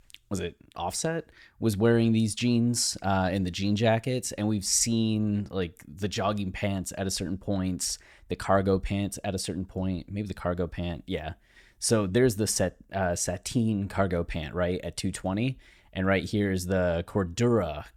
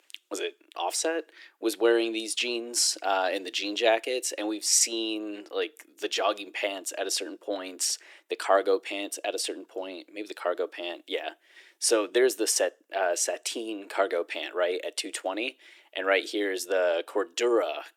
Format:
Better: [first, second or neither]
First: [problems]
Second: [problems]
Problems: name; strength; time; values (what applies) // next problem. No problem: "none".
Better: first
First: none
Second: thin; very; fading below 300 Hz